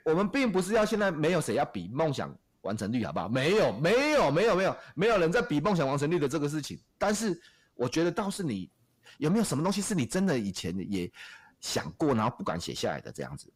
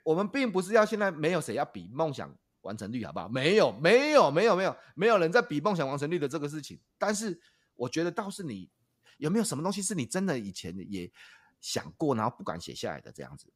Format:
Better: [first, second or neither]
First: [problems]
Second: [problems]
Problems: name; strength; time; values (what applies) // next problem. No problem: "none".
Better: second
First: distortion; heavy; 6 dB below the speech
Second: none